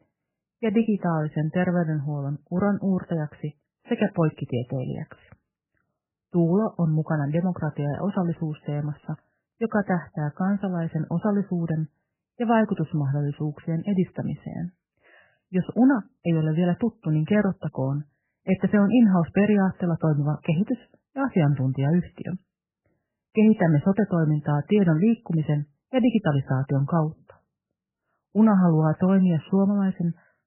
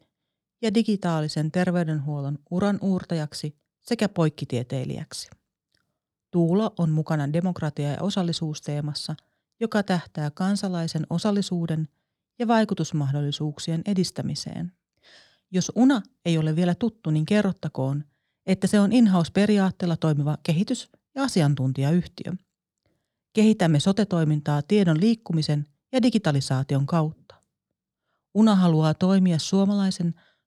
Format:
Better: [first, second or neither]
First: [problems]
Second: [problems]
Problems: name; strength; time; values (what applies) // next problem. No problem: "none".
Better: second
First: garbled, watery; badly; nothing above 3 kHz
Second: none